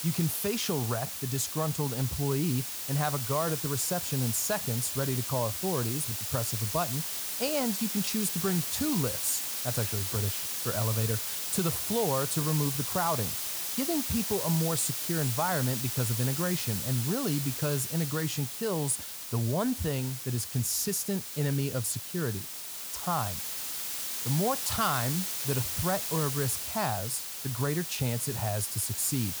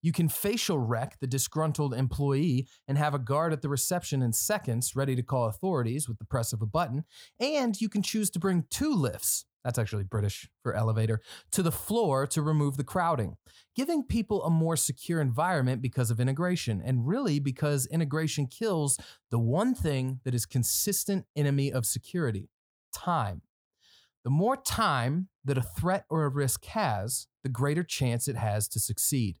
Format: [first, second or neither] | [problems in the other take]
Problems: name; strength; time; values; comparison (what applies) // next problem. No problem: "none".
second | hiss; loud; throughout; 1 dB below the speech